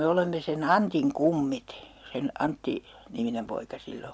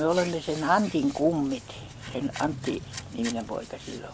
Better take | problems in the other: first | background sound (Hands); 13 dB below the speech

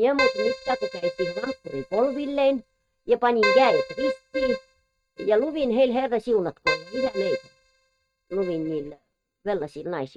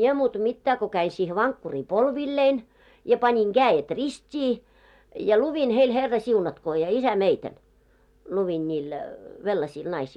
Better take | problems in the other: second | noise reduction (neural mask model RNNoise)

